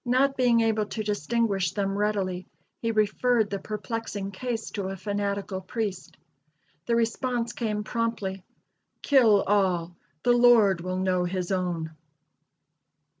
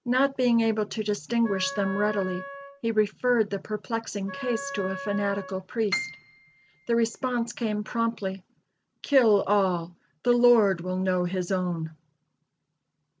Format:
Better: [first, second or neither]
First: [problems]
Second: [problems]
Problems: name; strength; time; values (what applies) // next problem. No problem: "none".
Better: first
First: none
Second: background sound (Wind instrument, woodwind instrument + Piano); 12 dB below the speech